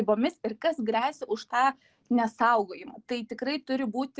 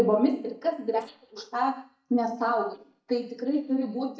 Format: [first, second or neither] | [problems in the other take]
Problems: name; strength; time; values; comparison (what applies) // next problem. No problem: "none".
first | noise reduction (neural mask model DeepFilterNet 3)